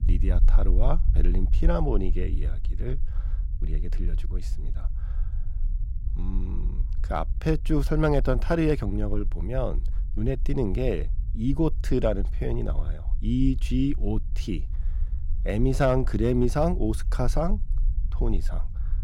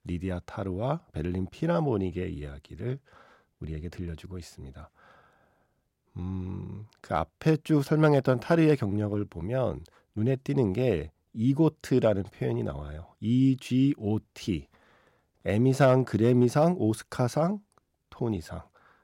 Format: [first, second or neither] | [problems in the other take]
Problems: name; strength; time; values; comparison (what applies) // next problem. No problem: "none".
second | low rumble; faint; throughout; 20 dB below the speech